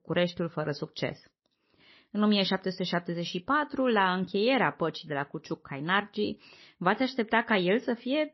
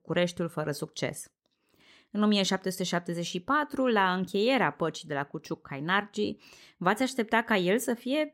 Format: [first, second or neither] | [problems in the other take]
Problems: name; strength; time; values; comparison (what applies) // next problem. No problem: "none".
second | garbled, watery; slightly; nothing above 5.5 kHz